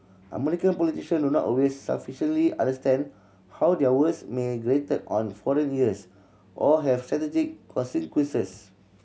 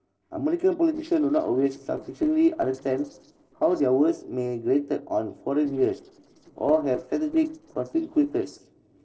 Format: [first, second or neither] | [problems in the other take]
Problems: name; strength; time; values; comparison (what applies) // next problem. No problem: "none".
first | noise reduction (neural separator model SepFormer DNS4)